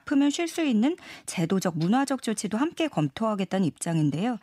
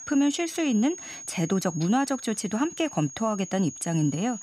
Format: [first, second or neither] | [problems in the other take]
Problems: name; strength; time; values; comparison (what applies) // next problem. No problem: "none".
first | high-pitched whine; noticeable; throughout; 6.5 kHz, 10 dB below the speech